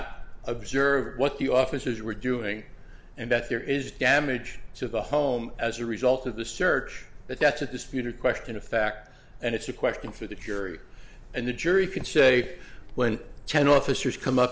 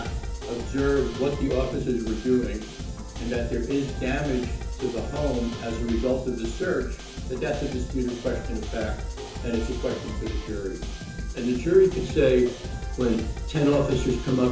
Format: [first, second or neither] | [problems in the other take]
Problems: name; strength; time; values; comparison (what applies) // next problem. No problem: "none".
first | background sound (Drum kit); 6 dB below the speech // room echo; dies away in 0.6 s